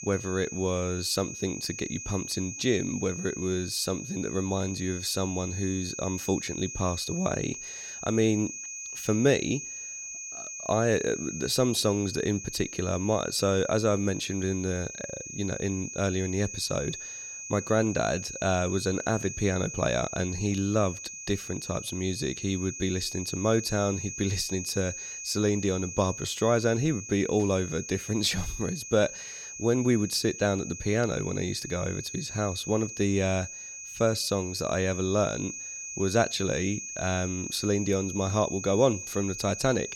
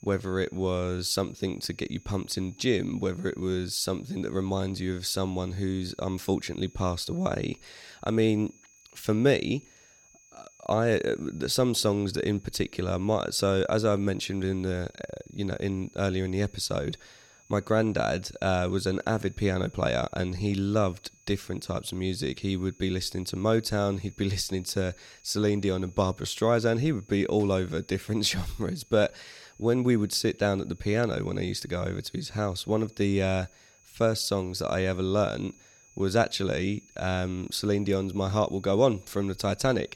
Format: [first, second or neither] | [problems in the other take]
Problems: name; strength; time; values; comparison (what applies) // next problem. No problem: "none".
second | high-pitched whine; loud; throughout; 6.5 kHz, 8 dB below the speech; faint in the second